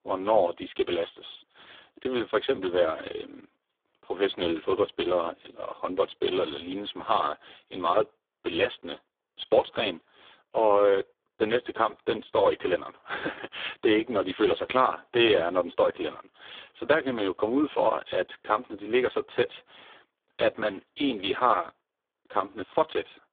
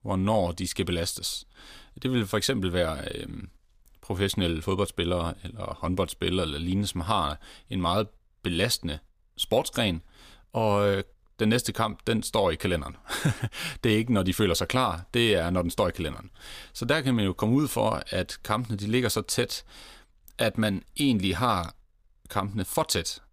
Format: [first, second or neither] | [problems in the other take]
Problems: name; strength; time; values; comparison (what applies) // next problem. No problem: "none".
second | phone-call audio; poor line